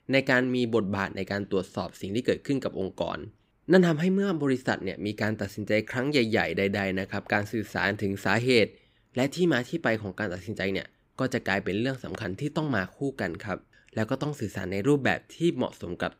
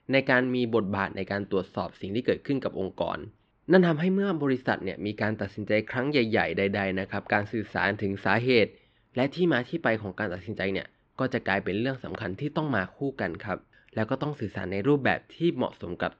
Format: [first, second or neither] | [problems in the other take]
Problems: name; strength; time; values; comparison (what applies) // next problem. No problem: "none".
first | muffled; very slightly; fading above 4 kHz